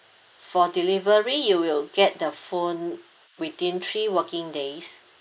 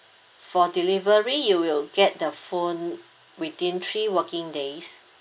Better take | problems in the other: second | noise reduction (neural mask model Resemble Enhance denoiser)

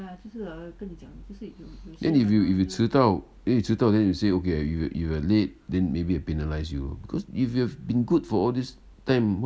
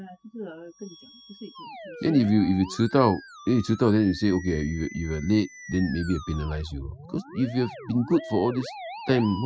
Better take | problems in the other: first | noise reduction (classical method spectral subtraction)

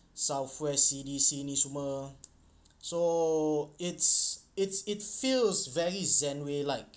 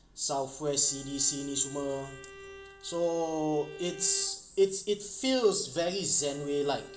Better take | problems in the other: first | background sound (Bowed string instrument); 20 dB below the speech // room echo; dies away in 1 s

